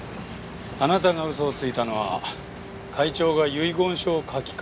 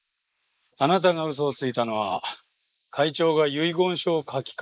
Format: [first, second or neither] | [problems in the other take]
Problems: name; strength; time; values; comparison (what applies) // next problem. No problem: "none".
first | noise reduction (neural mask model Resemble Enhance denoiser)